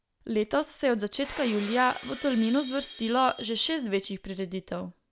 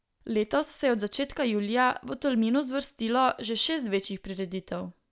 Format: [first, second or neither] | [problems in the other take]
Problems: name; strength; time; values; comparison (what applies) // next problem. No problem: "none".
second | background sound (Shatter); 17 dB below the speech